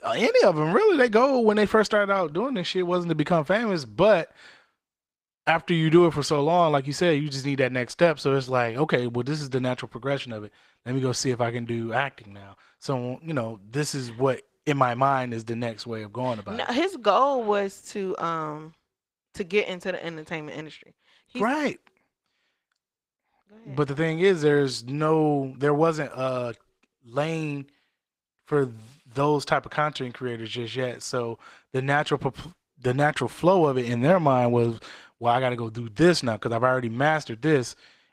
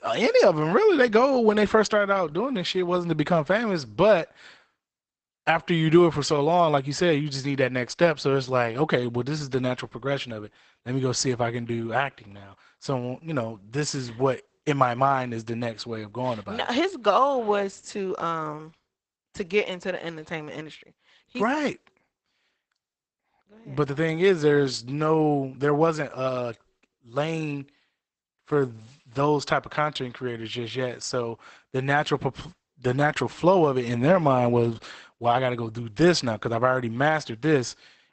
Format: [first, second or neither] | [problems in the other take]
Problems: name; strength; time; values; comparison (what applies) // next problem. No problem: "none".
first | garbled, watery; badly; nothing above 8 kHz; slightly in the first